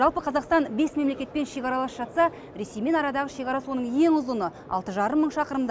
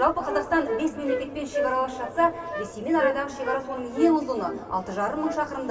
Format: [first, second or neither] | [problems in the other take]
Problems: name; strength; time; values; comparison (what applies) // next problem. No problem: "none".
first | background sound (Wind instrument, woodwind instrument); 7 dB below the speech // room echo; dies away in 2.2 s